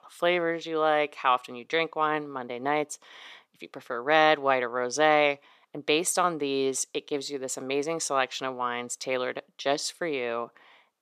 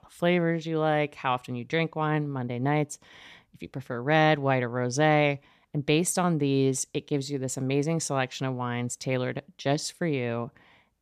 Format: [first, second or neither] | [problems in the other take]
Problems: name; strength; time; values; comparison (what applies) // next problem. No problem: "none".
second | thin; somewhat; fading below 450 Hz